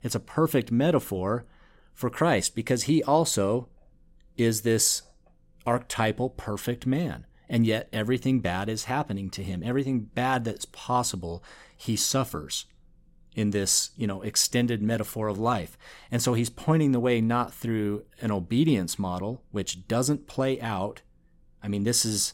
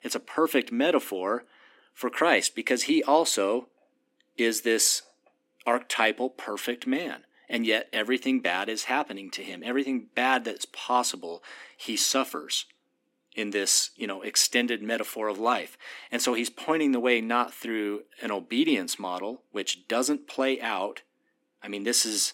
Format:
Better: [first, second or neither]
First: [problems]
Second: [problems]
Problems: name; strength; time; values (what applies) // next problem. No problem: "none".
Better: first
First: none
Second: thin; very slightly; fading below 250 Hz